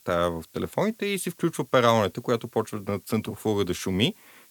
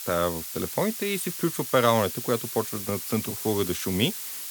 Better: first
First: hiss; faint; throughout; 25 dB below the speech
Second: hiss; loud; throughout; 6 dB below the speech

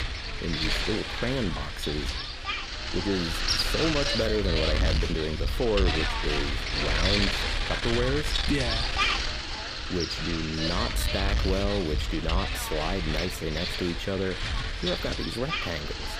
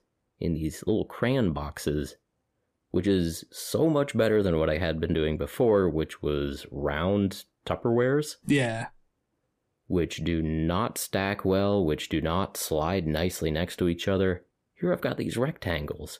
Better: second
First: wind noise on the microphone; heavy; 4 dB above the speech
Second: none

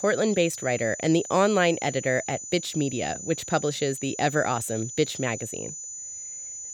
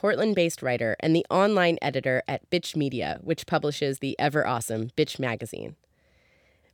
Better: second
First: high-pitched whine; loud; throughout; 7 kHz, 9 dB below the speech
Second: none

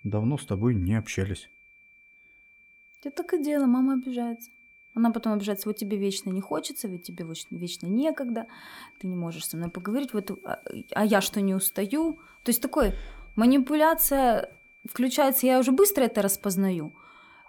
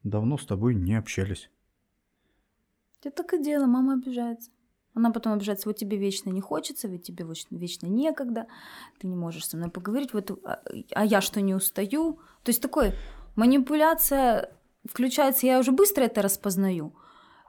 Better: second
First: high-pitched whine; faint; throughout; 2.5 kHz, 25 dB below the speech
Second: none

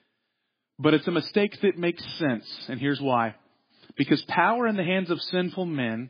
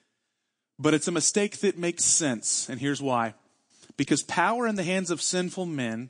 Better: second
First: garbled, watery; badly; nothing above 5 kHz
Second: garbled, watery; slightly; nothing above 9 kHz

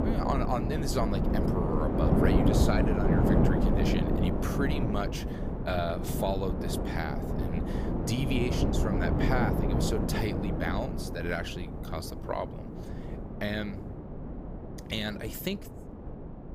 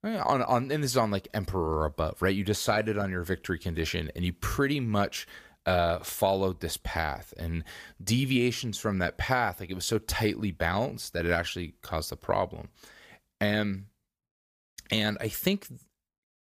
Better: second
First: wind noise on the microphone; heavy; as loud as the speech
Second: none

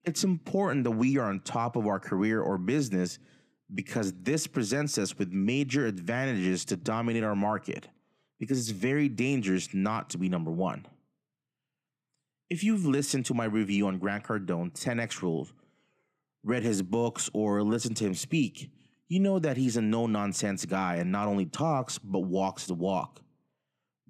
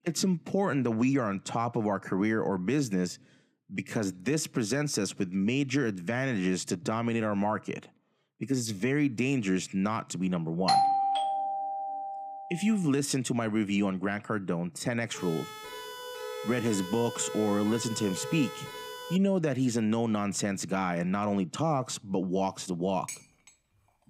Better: first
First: none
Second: doorbell; loud; from 11 to 12 s; peak 5 dB above the speech // siren; noticeable; from 15 to 19 s; peak 8 dB below the speech // clattering dishes; faint; at 23 s; peak 10 dB below the speech

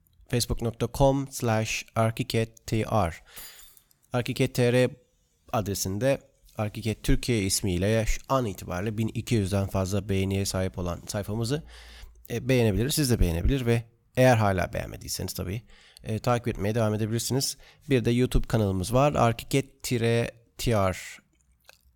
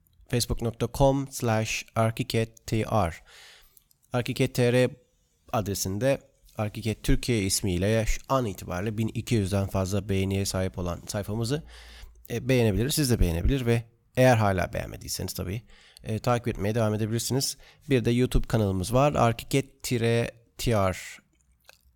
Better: second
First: jangling keys; faint; at 3.5 s; peak 15 dB below the speech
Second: none

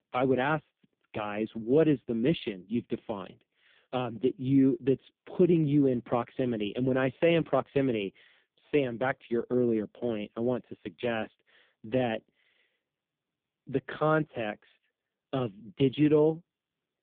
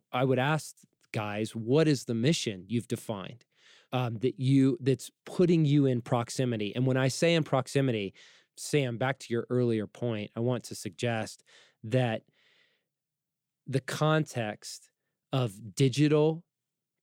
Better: second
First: phone-call audio; poor line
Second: none

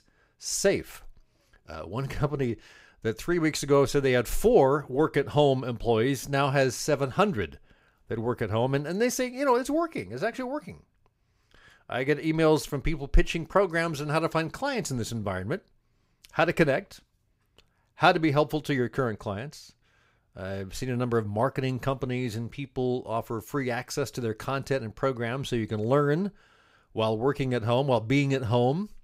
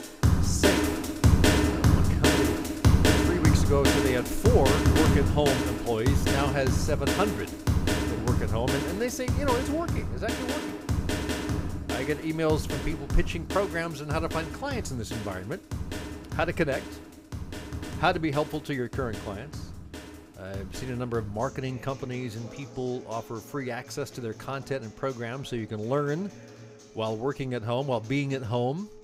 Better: first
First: none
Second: background music; very loud; throughout; 3 dB above the speech

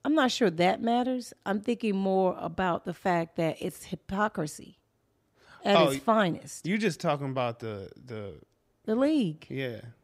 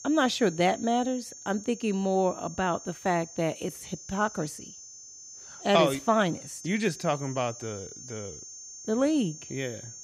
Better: first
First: none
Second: high-pitched whine; noticeable; throughout; 6.5 kHz, 15 dB below the speech

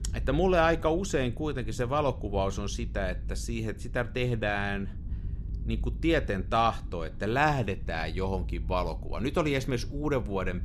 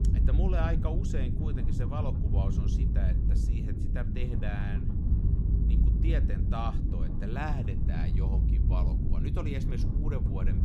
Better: first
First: low rumble; faint; throughout; 25 dB below the speech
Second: low rumble; loud; throughout; 2 dB below the speech

